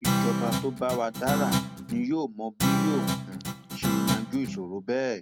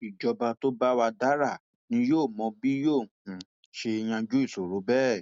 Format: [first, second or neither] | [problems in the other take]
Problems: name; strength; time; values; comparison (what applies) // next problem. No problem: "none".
second | background sound (Guitar); 2 dB above the speech